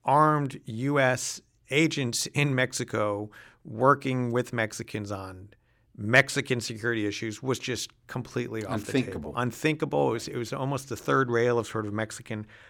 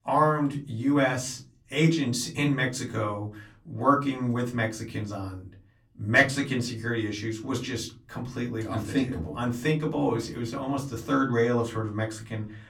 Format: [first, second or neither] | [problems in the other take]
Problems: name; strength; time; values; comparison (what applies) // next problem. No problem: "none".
first | off-mic speech; far // room echo; very slight; dies away in 0.3 s